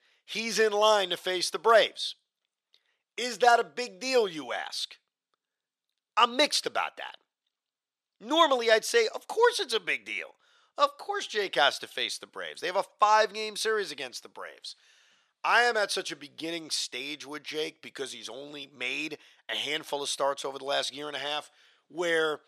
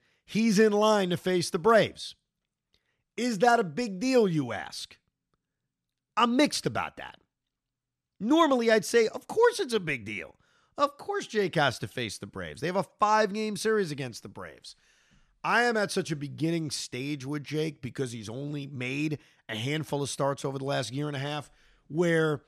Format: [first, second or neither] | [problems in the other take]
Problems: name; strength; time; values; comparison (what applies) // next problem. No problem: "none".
second | thin; very; fading below 600 Hz